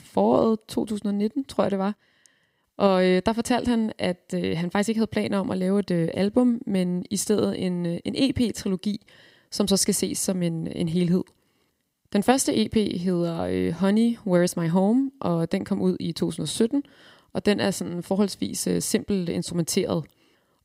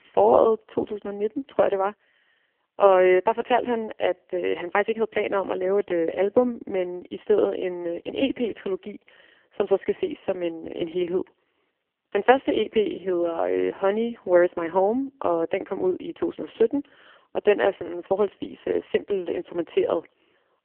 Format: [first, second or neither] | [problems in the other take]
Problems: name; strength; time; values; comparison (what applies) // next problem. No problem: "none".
first | phone-call audio; poor line; nothing above 3 kHz